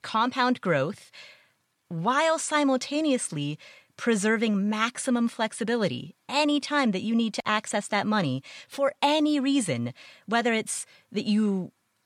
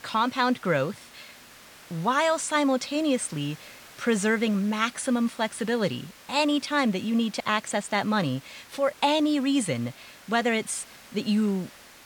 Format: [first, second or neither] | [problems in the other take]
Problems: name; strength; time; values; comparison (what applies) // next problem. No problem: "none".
first | hiss; faint; throughout; 20 dB below the speech